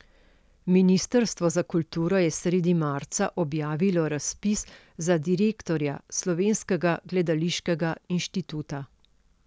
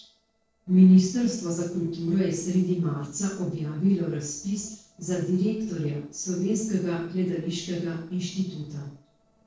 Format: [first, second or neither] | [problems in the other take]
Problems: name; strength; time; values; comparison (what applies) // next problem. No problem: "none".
first | noise reduction (neural separator model SepFormer DNS4)